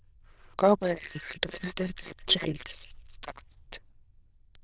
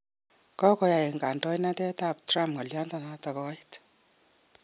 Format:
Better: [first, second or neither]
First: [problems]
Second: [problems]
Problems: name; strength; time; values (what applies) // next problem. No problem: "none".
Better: second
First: noise reduction (neural diffusion model UNIVERSE++)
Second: none